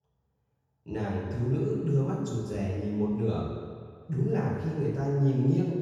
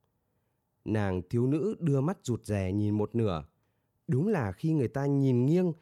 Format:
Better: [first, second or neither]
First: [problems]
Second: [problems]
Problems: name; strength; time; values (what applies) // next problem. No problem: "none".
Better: second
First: room echo; strong; dies away in 1.7 s // off-mic speech; far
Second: none